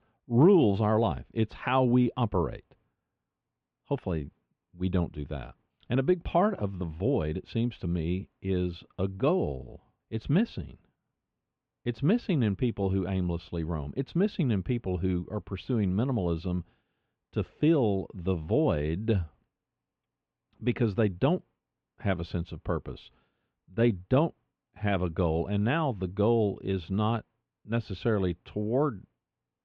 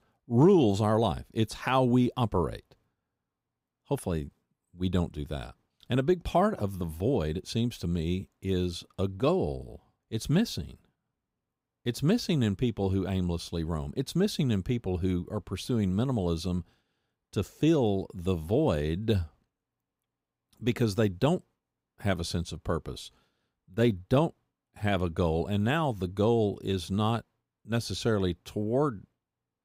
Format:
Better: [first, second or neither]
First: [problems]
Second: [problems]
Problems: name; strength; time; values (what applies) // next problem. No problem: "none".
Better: second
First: muffled; very; fading above 3 kHz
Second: none